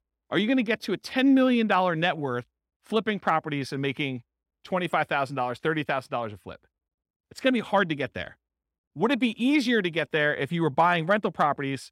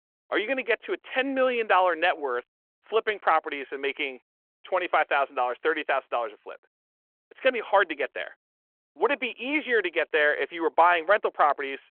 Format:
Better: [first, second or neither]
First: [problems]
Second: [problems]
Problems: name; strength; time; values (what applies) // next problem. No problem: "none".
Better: first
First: none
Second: phone-call audio